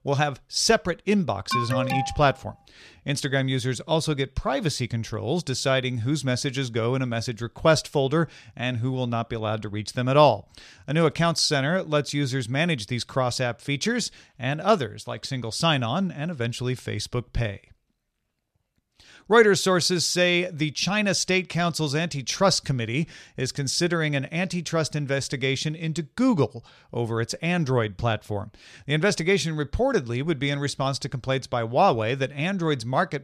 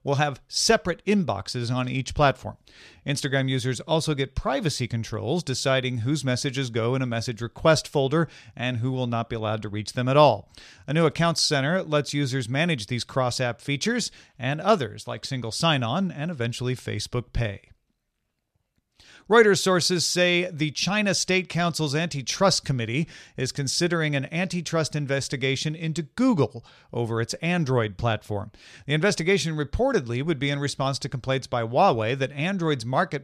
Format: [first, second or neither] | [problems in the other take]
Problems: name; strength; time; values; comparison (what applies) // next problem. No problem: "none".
second | alarm; noticeable; at 1.5 s; peak 2 dB below the speech